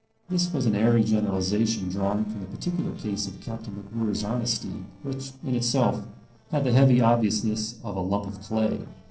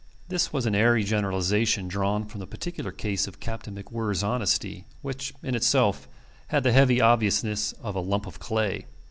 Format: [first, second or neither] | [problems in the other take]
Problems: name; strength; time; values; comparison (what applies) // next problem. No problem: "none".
second | noise reduction (neural separator model SepFormer DNS4)